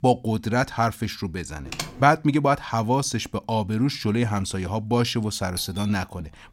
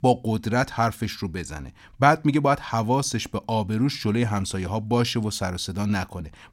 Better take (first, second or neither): second